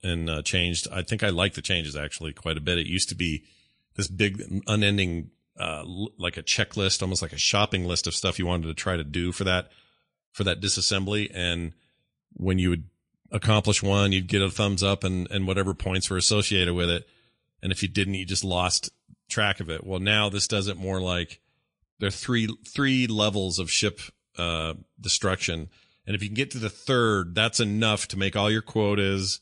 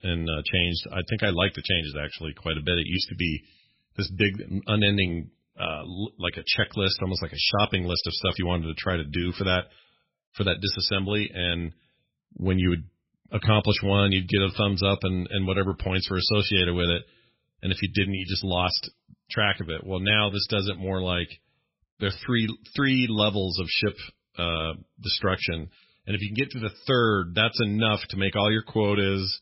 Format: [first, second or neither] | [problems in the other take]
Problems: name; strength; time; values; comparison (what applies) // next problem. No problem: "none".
first | garbled, watery; badly; nothing above 5.5 kHz; slightly in the first